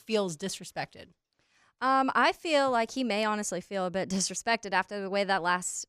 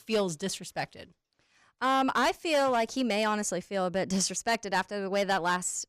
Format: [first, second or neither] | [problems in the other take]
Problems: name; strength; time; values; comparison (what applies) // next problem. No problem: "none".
first | distortion; slight; 5% of the sound clipped